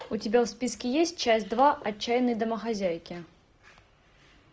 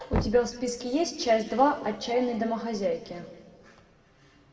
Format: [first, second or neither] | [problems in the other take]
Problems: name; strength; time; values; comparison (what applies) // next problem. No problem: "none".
first | background sound (Knock); 11 dB below the speech // room echo; dies away in 1.6 s